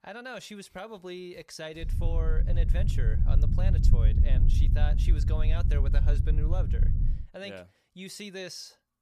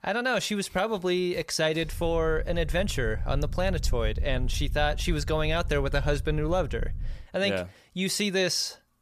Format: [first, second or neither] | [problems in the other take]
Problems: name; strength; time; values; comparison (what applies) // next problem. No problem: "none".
second | low rumble; loud; from 2 to 7 s; 4 dB below the speech; faint in the second